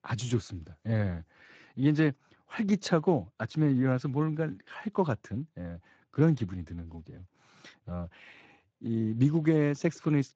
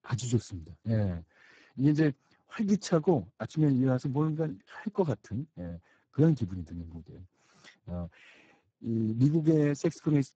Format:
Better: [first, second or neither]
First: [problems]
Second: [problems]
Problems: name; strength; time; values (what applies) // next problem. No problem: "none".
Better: first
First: garbled, watery; slightly; nothing above 7.5 kHz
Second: garbled, watery; badly; nothing above 7.5 kHz